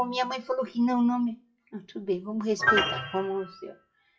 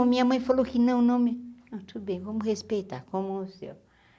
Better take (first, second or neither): second